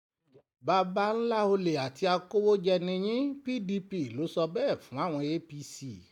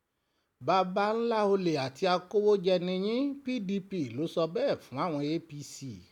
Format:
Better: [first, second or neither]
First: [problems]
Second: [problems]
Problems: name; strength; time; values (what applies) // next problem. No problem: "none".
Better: second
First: noise reduction (neural mask model DeepFilterNet 3)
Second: none